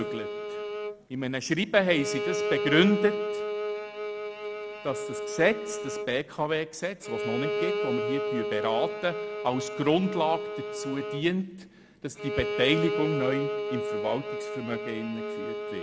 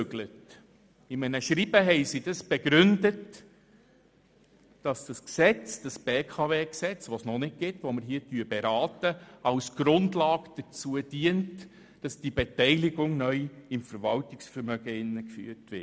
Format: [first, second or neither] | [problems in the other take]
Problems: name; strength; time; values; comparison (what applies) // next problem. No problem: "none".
second | background sound (Bowed string instrument); 3 dB below the speech